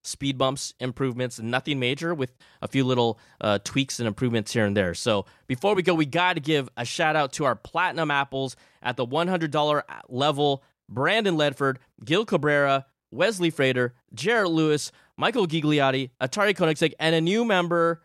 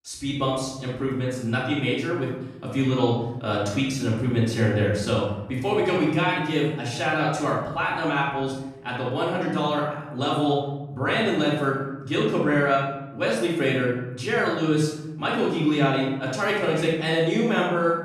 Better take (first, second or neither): first